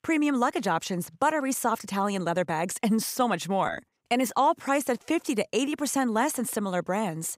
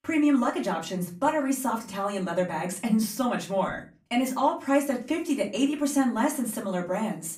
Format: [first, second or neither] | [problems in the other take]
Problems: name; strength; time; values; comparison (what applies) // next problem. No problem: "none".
first | off-mic speech; far // room echo; very slight; dies away in 0.3 s